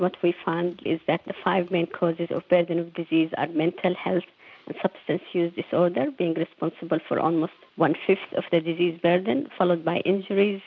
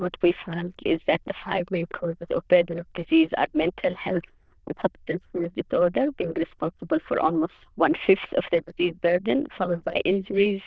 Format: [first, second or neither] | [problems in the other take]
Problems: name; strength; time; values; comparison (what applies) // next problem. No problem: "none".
first | noise reduction (neural diffusion model UNIVERSE++)